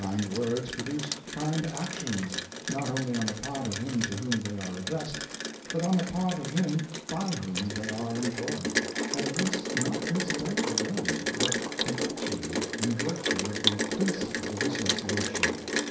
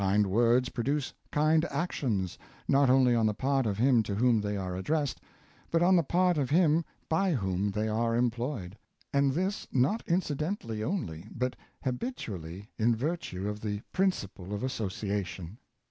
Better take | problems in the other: second | background sound (Rain); as loud as the speech // room echo; dies away in 0.6 s

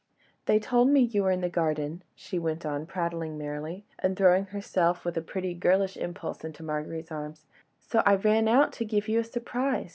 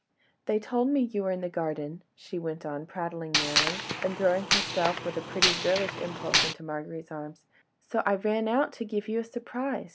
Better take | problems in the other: first | background sound (Gunshot, gunfire); 2 dB above the speech

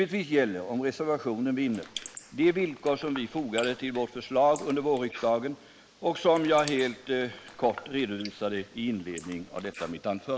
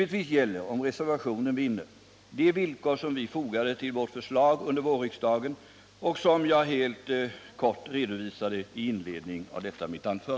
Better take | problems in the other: second | noise reduction (neural mask model Resemble Enhance denoiser)

